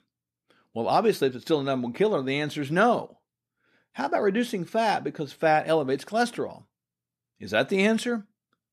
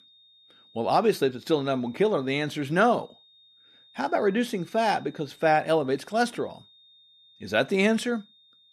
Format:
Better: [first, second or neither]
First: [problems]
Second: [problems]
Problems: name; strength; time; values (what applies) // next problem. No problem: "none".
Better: first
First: none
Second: high-pitched whine; faint; throughout; 3.5 kHz, 30 dB below the speech